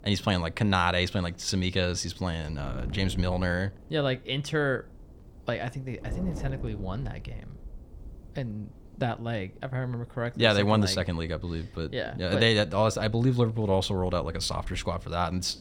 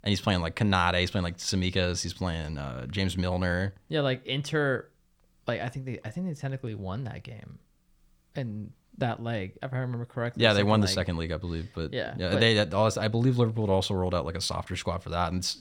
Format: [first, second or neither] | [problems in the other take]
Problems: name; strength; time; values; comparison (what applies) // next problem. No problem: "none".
second | wind noise on the microphone; occasional gusts; 25 dB below the speech